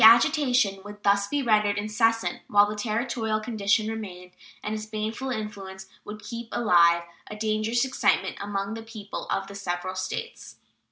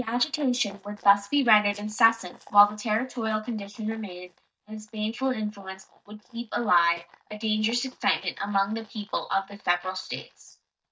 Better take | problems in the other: first | noise reduction (neural mask model DeepFilterNet 3)

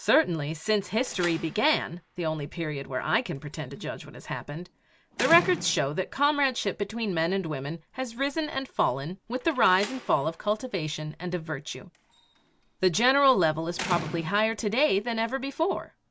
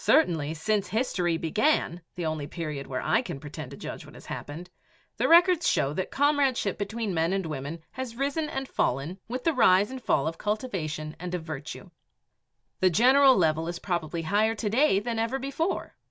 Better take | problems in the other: second | background sound (Slam); 16 dB below the speech

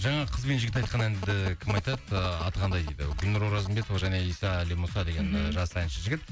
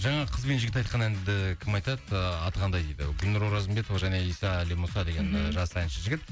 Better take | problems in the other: second | background sound (Telephone); 13 dB below the speech

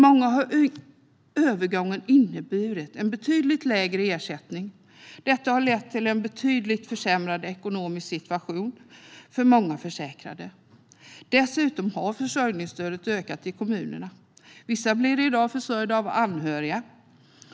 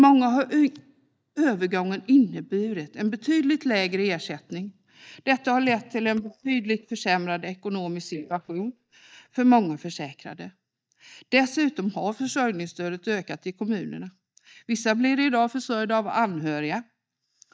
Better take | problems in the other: first | noise reduction (neural mask model DeepFilterNet 3)

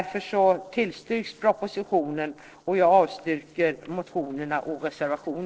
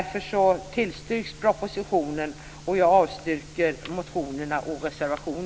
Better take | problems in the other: second | noise reduction (neural separator model SepFormer DNS4)

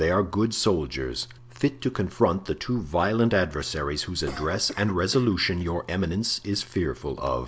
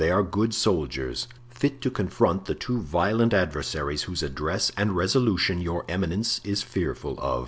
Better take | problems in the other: second | background sound (Cough); 19 dB below the speech

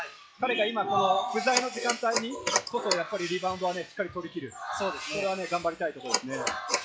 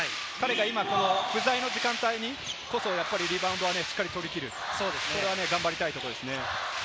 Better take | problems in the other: second | noise reduction (classical method log-MMSE)

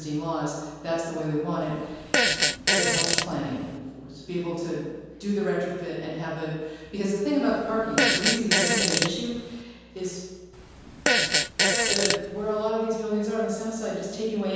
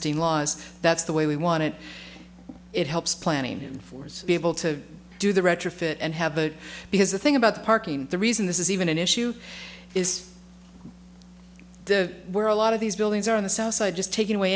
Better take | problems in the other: second | background sound (Fart); 4 dB above the speech // room echo; dies away in 1.2 s

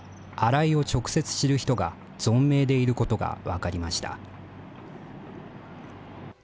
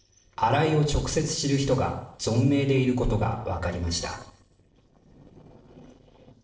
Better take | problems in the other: first | noise reduction (neural separator model SepFormer DNS4)

